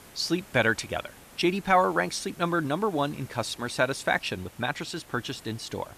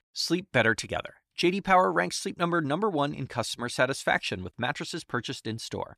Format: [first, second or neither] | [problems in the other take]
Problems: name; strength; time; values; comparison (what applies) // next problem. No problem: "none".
second | hiss; faint; throughout; 20 dB below the speech